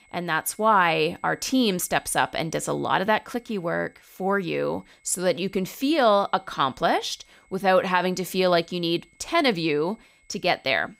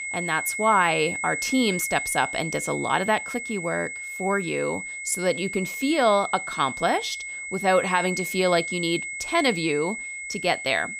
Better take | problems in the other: first | high-pitched whine; loud; throughout; 2 kHz, 6 dB below the speech; faint in the first

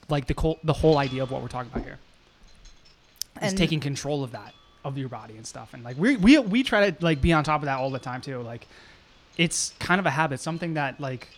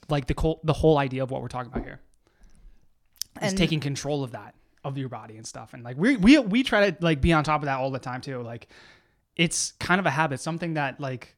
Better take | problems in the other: second | wind noise on the microphone; occasional gusts; 25 dB below the speech

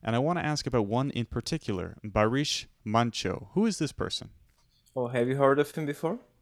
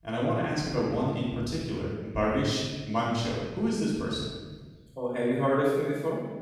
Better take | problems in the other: first | off-mic speech; far // room echo; strong; dies away in 1.3 s

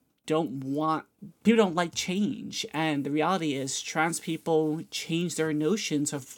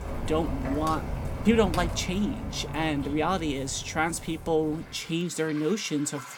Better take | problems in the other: first | rain or running water; loud; throughout; 8 dB below the speech

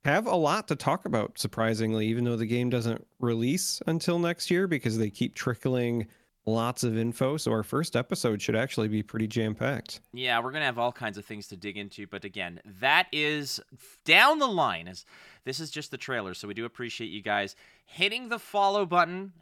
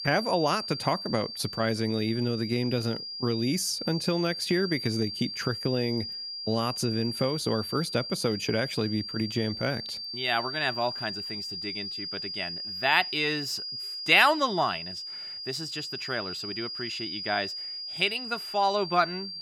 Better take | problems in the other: first | high-pitched whine; loud; throughout; 5 kHz, 6 dB below the speech

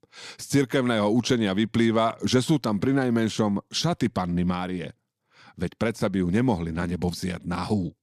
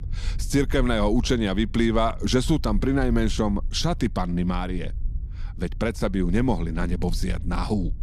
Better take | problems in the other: first | low rumble; faint; throughout; 25 dB below the speech

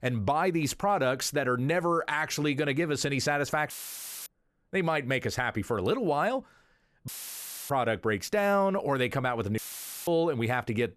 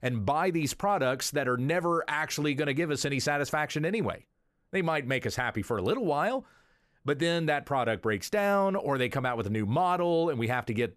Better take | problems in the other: second | audio cutting out; filled with static; at 3.5 s for 0.5 s, at 7 s for 0.5 s and at 9.5 s

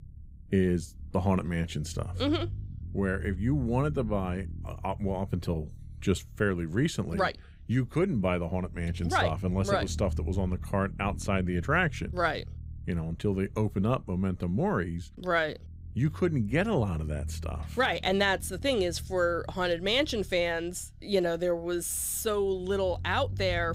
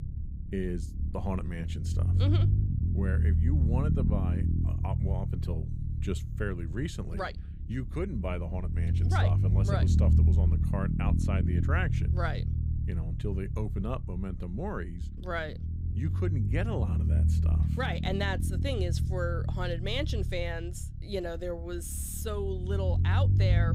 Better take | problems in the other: first | low rumble; loud; throughout; 6 dB below the speech; faint in the first

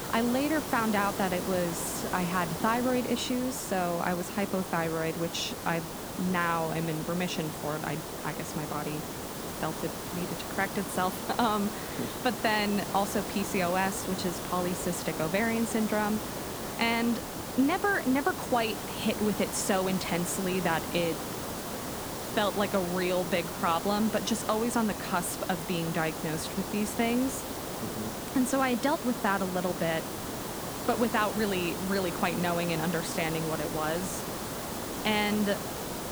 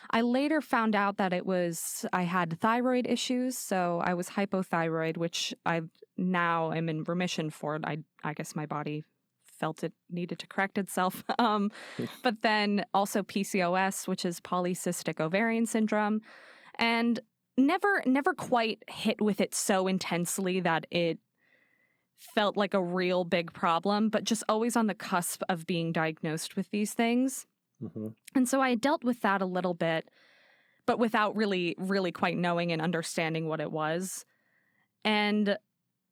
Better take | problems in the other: second | hiss; loud; throughout; 5 dB below the speech

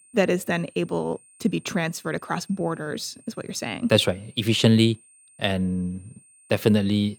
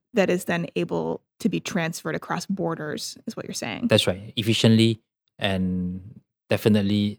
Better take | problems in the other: second | high-pitched whine; faint; throughout; 8.5 kHz, 30 dB below the speech

